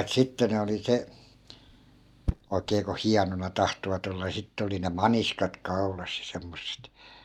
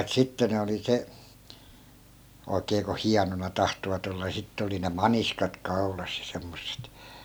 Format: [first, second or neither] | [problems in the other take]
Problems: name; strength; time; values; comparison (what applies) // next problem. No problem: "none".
second | noise reduction (neural mask model DeepFilterNet 3)